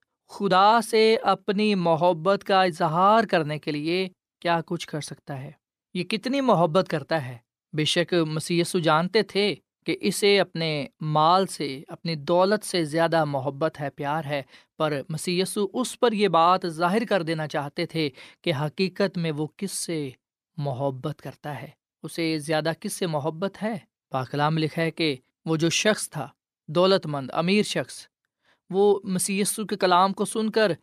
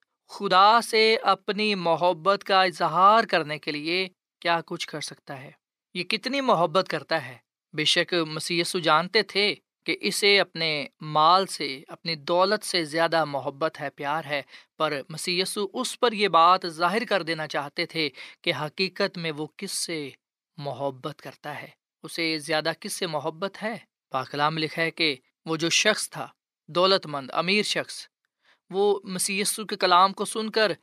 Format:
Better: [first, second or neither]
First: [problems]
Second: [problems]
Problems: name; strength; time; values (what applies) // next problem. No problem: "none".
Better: first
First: none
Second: thin; very slightly; fading below 300 Hz